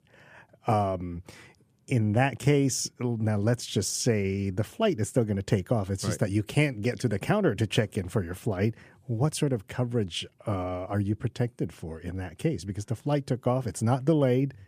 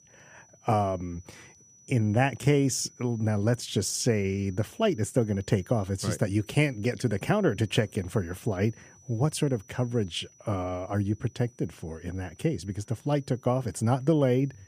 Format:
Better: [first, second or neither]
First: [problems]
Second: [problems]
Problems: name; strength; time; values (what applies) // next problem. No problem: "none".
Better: first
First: none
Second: high-pitched whine; faint; throughout; 6 kHz, 25 dB below the speech